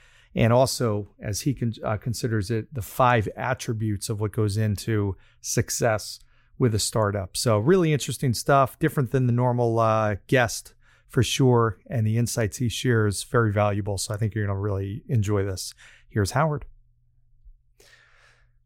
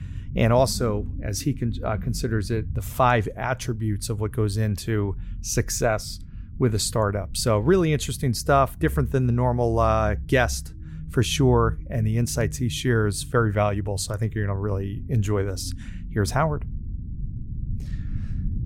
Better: first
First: none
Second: low rumble; faint; throughout; 25 dB below the speech

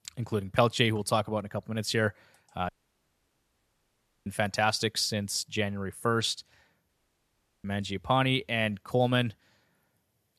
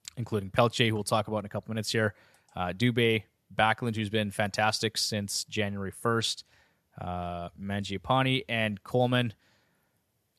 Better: second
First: audio cutting out; at 2.5 s for 1.5 s and at 7 s for 1 s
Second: none

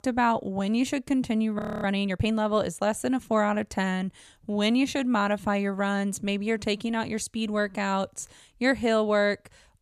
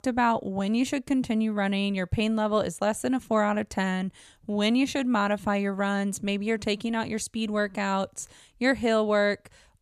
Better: second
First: audio freezing; at 1.5 s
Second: none

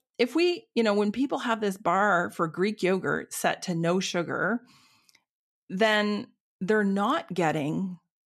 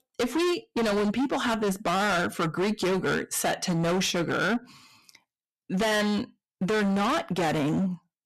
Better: first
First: none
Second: distortion; heavy; 27% of the sound clipped

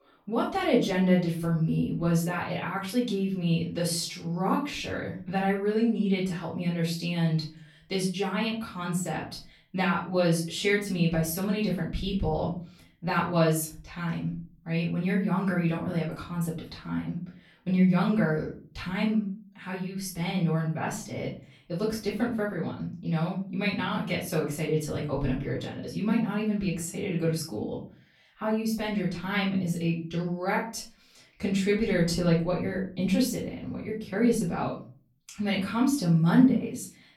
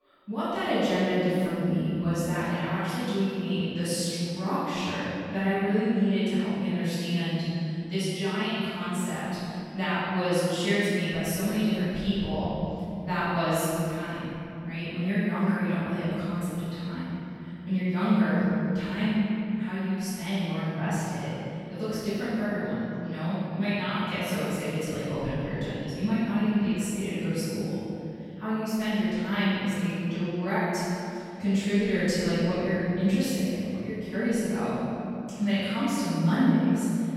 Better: first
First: room echo; slight; dies away in 0.4 s // off-mic speech; far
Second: room echo; strong; dies away in 2.8 s // off-mic speech; far

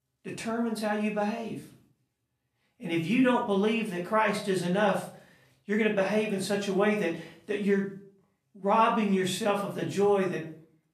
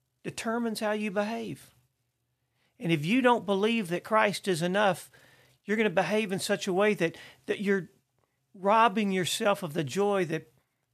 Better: second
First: off-mic speech; far // room echo; slight; dies away in 0.4 s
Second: none

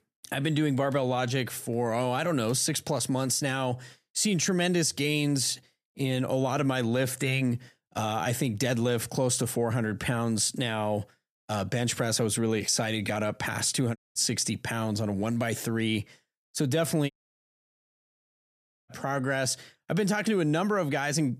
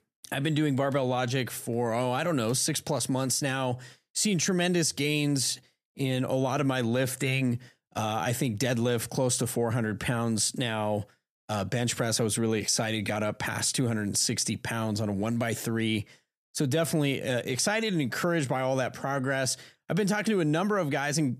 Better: second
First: audio cutting out; at 14 s and at 17 s for 2 s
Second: none

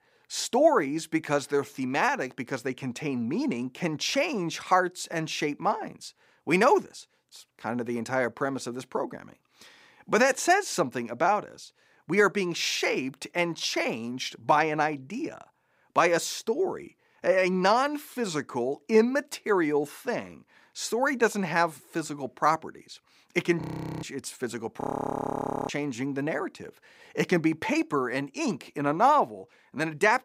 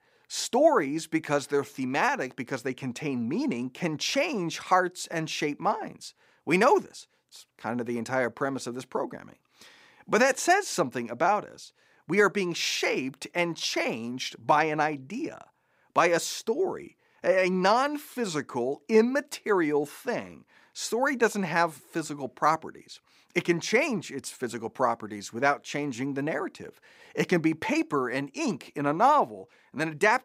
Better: second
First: audio freezing; at 24 s and at 25 s for 1 s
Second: none

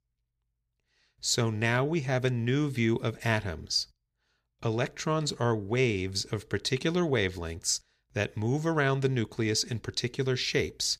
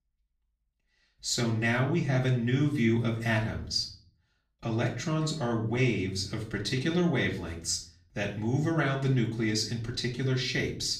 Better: first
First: none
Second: off-mic speech; far // room echo; slight; dies away in 0.4 s

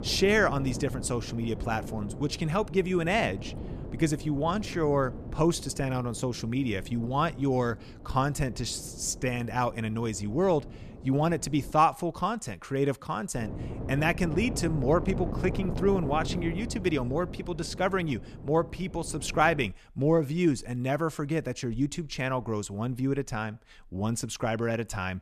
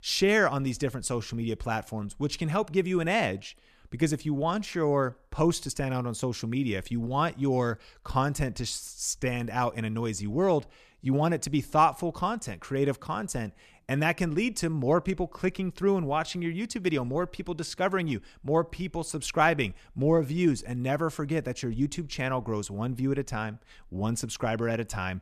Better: second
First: wind noise on the microphone; occasional gusts; until 12 s and from 13 to 20 s; 15 dB below the speech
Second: none

